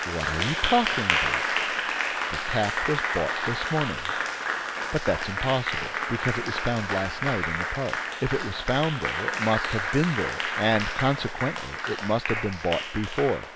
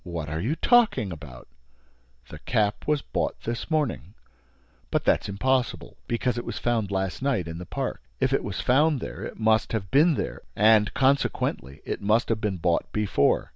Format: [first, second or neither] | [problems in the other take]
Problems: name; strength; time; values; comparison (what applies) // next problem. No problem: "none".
second | background sound (Applause); 1 dB below the speech